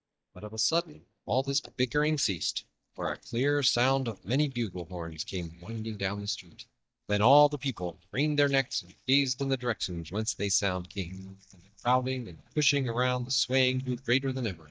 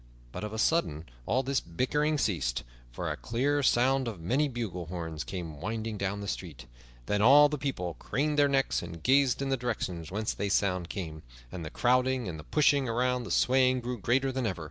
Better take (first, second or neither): second